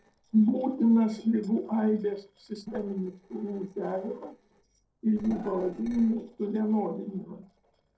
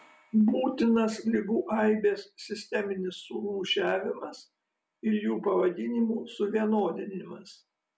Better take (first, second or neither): second